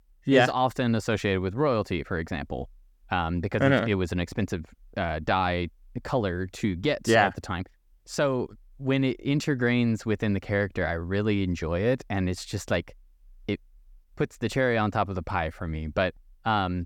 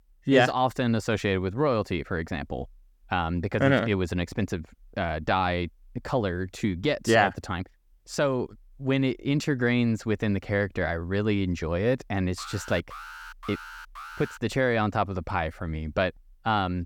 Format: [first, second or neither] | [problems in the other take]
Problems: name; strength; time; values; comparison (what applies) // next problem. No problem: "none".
first | alarm; faint; from 12 to 14 s; peak 15 dB below the speech